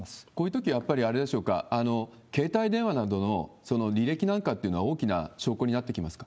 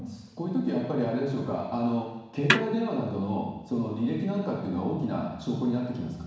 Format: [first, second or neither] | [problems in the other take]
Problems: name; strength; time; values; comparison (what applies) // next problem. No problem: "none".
first | background sound (Snare drum); 3 dB below the speech // room echo; dies away in 1.1 s